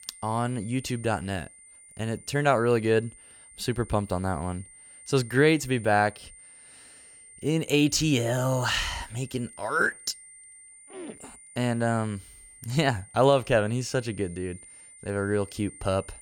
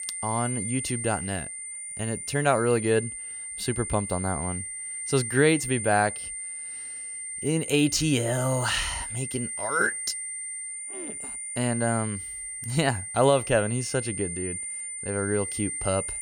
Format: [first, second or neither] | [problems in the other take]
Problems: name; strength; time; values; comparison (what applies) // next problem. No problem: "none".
first | high-pitched whine; loud; throughout; 9 kHz, 5 dB below the speech; faint in the first